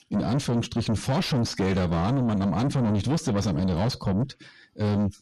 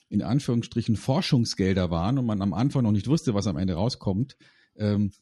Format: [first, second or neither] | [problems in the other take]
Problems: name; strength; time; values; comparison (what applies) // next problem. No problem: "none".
second | distortion; heavy; 7 dB below the speech